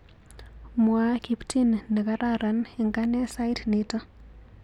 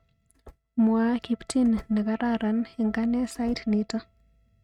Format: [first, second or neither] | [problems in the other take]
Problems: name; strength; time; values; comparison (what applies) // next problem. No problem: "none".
first | noise reduction (neural mask model RNNoise)